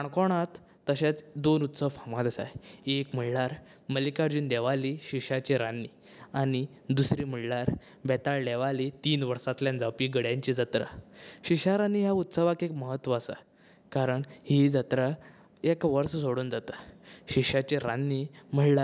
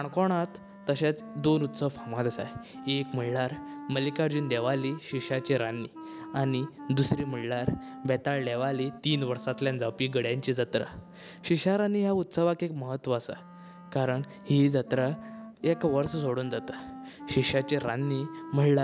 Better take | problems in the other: first | background sound (Wind instrument, woodwind instrument); 15 dB below the speech

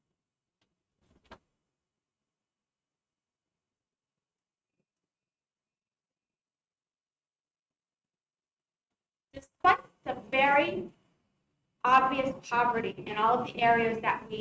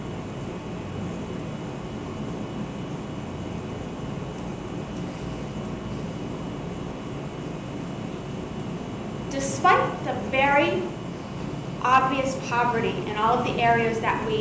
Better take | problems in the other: second | noise reduction (neural mask model RNNoise)

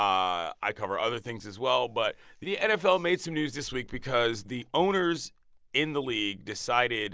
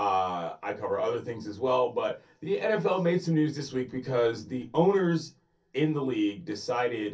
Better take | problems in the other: first | room echo; dies away in 0.3 s

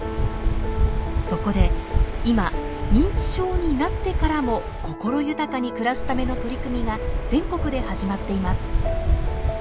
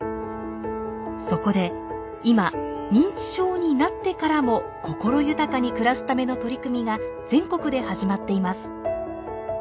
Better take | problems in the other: second | background sound (Waves, surf); 2 dB above the speech

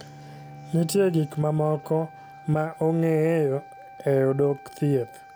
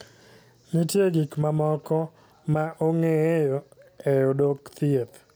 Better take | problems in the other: second | background sound (Wind instrument, woodwind instrument + Bowed string instrument); 19 dB below the speech

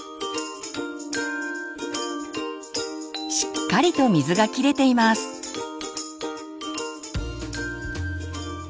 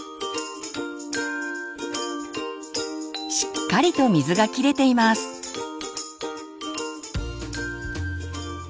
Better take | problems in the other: second | background sound (Brass instrument); 18 dB below the speech

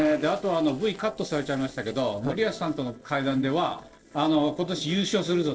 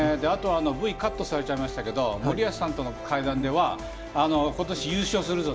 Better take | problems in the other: second | noise reduction (neural separator model SepFormer DNS4)

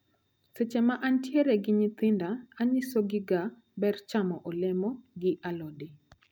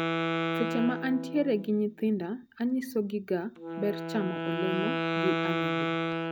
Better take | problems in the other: first | background sound (Wind instrument, woodwind instrument); 1 dB below the speech

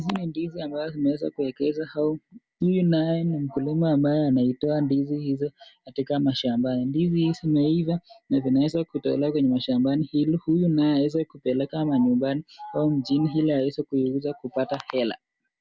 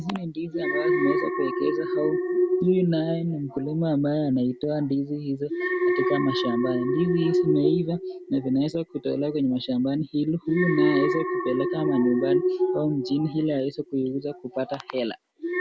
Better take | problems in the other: first | background sound (Alarm); 2 dB below the speech

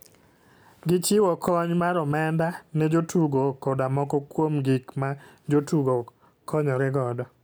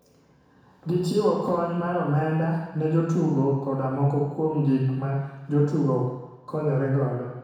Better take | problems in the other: first | room echo; dies away in 1.1 s

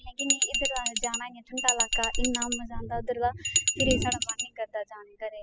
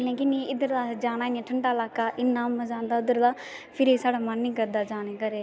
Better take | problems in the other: second | noise reduction (classical method spectral subtraction)

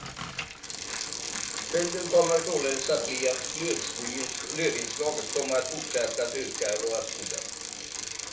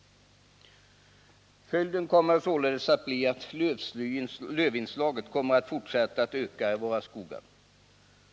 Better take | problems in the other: second | background sound (Bicycle); 4 dB below the speech // room echo; dies away in 0.3 s

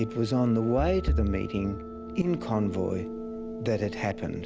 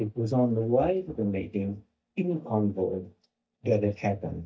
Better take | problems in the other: first | noise reduction (neural mask model DeepFilterNet 3)

